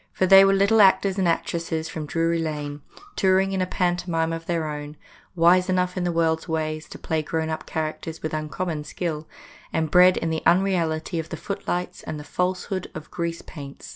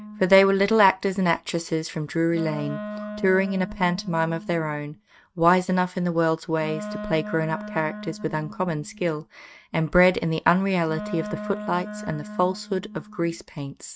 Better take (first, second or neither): first